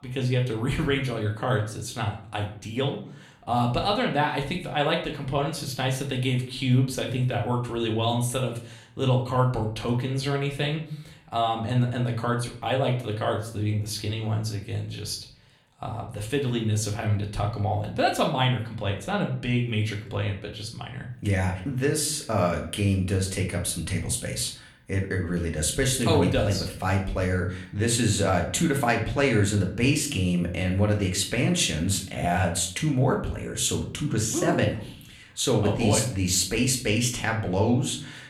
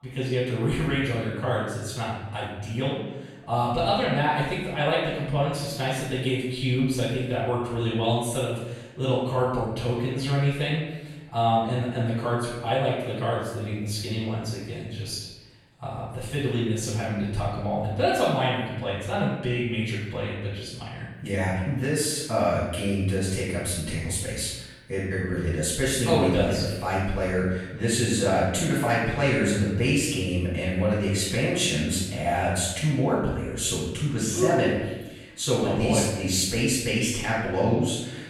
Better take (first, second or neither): first